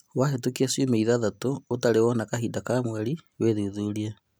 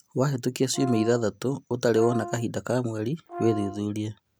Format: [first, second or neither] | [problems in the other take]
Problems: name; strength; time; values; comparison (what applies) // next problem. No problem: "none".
first | background sound (Brass instrument); 12 dB below the speech